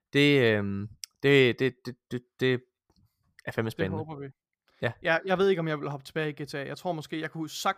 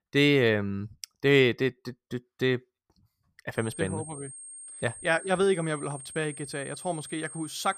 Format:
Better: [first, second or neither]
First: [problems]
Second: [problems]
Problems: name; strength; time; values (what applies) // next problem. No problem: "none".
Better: first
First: none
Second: high-pitched whine; noticeable; from 3.5 s on; 8.5 kHz, 15 dB below the speech